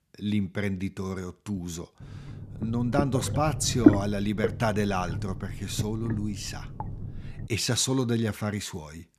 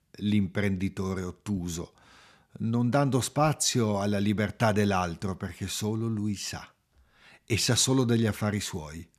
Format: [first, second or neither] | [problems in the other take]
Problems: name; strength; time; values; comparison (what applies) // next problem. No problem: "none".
second | low rumble; loud; from 2 to 7.5 s; 1 dB below the speech